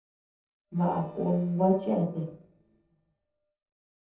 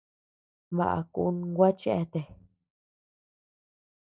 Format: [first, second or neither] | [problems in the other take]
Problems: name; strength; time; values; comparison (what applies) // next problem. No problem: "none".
second | noise reduction (neural separator model SepFormer DNS4)